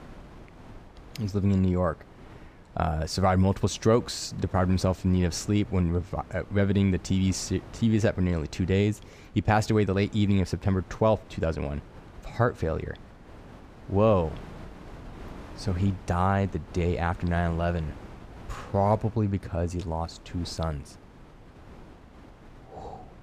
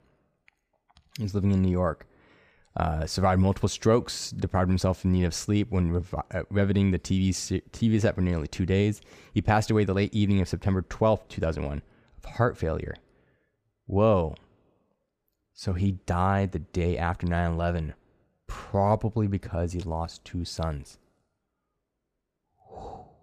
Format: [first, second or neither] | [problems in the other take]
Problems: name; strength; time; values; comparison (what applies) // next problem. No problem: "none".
second | wind noise on the microphone; occasional gusts; 20 dB below the speech